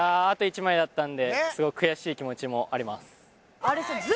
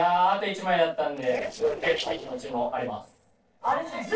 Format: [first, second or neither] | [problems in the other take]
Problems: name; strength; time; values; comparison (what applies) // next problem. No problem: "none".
first | noise reduction (neural separator model SepFormer DNS4)